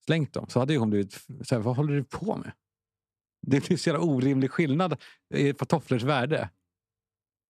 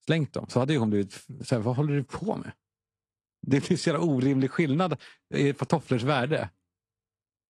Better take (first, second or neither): first